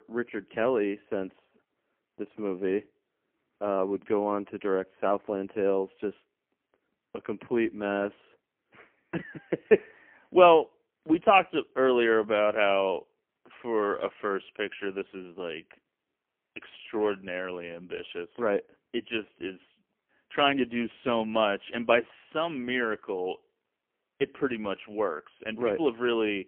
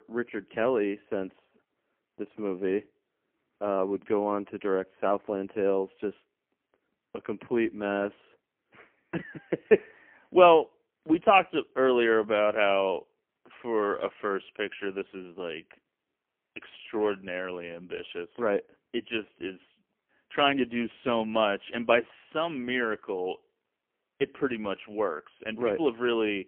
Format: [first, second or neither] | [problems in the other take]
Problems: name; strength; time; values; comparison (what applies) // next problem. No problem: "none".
neither | phone-call audio; poor line; nothing above 3 kHz; the same in both